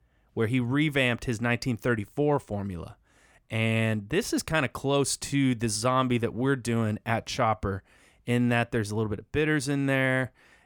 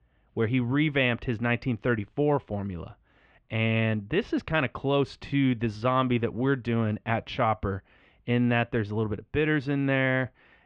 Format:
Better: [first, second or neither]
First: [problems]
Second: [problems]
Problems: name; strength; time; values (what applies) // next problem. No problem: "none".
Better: first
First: none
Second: muffled; very; fading above 3 kHz